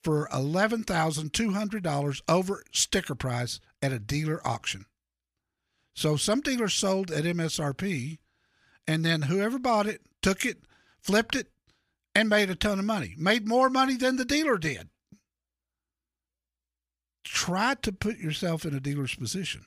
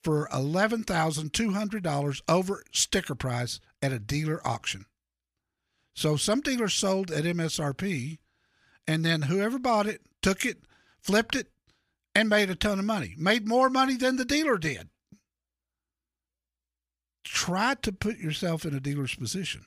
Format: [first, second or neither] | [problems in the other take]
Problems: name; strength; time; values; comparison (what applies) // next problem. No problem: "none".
neither | none